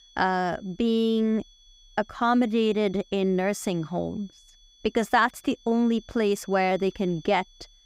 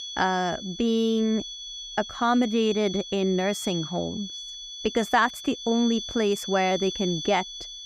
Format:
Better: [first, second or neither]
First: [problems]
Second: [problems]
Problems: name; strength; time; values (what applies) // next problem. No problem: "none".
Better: first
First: high-pitched whine; faint; throughout; 3.5 kHz, 30 dB below the speech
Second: high-pitched whine; loud; throughout; 3.5 kHz, 9 dB below the speech